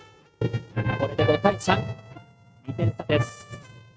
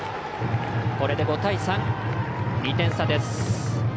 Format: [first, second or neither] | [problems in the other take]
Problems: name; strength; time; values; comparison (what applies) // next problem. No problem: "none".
second | noise reduction (neural mask model RNNoise)